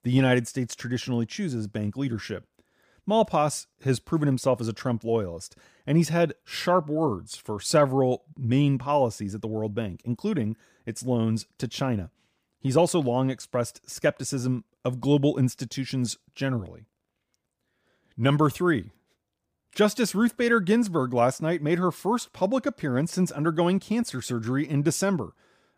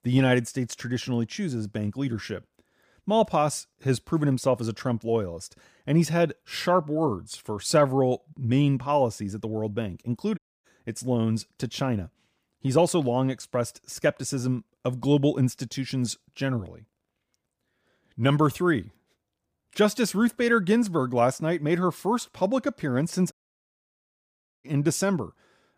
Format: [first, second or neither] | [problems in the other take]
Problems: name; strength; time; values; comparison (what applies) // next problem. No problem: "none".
first | audio cutting out; at 10 s and at 23 s for 1.5 s